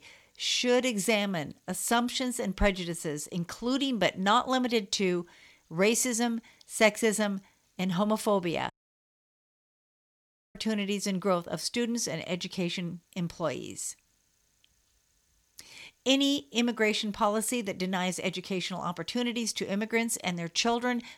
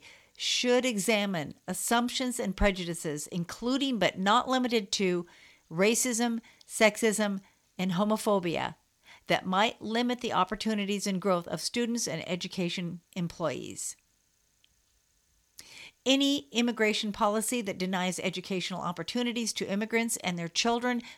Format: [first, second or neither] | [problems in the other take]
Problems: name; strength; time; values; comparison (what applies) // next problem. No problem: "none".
second | audio cutting out; at 8.5 s for 2 s